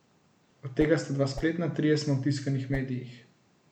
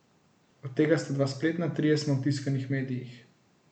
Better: second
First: background sound (Whoosh, swoosh, swish); 14 dB below the speech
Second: none

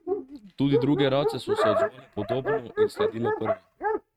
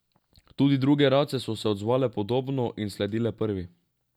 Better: second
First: noise reduction (neural mask model RNNoise)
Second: none

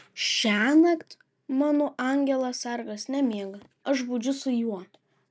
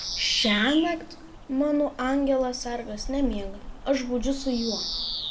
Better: first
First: none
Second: background sound (Bird vocalization, bird call, bird song); 7 dB below the speech // room echo; dies away in 0.4 s

